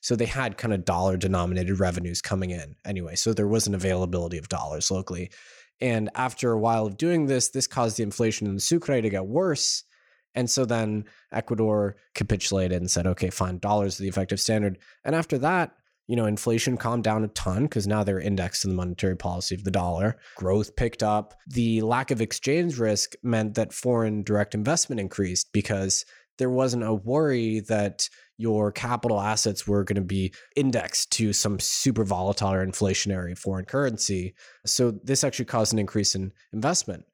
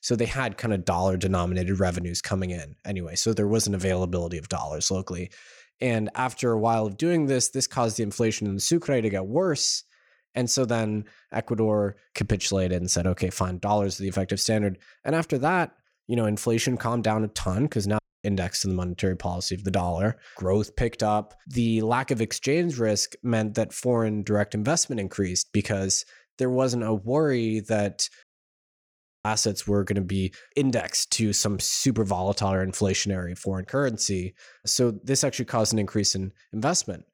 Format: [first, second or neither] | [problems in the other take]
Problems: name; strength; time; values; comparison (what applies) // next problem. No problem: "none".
first | audio cutting out; at 18 s and at 28 s for 1 s